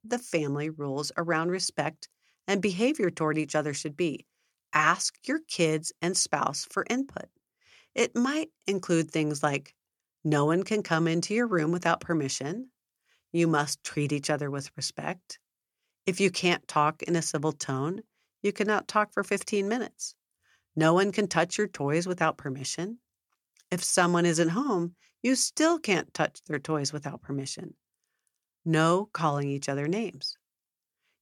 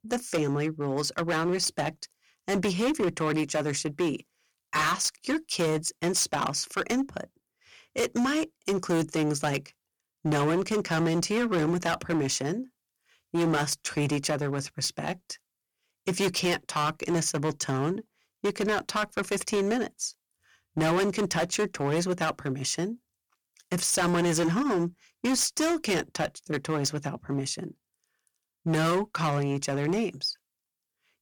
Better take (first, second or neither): first